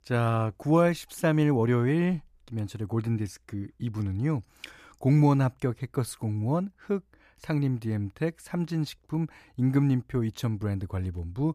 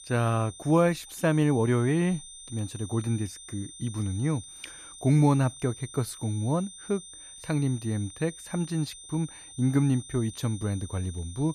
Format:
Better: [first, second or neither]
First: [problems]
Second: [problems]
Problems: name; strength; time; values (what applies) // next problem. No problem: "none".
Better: first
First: none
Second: high-pitched whine; noticeable; throughout; 9 kHz, 15 dB below the speech